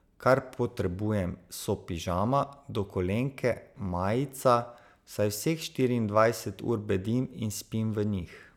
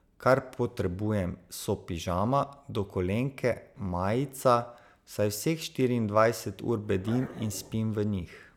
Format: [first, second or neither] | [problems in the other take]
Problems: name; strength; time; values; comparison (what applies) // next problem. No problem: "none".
first | background sound (Growling); 16 dB below the speech